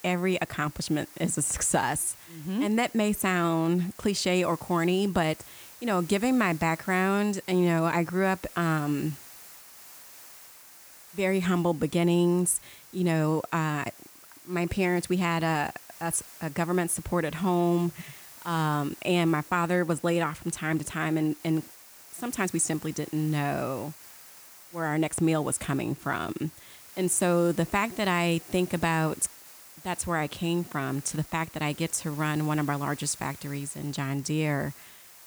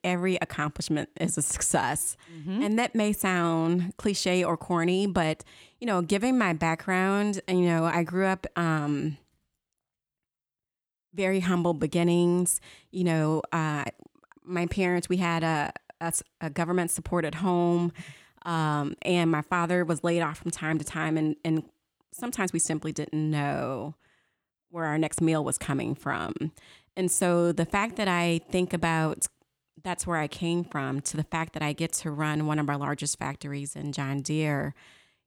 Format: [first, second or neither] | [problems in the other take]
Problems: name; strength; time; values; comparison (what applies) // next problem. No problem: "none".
second | hiss; noticeable; throughout; 20 dB below the speech